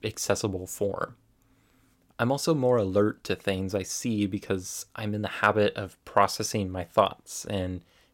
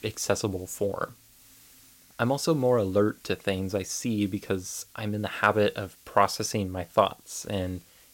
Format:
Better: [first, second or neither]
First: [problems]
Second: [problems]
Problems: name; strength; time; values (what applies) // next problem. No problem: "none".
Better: first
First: none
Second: hiss; faint; throughout; 25 dB below the speech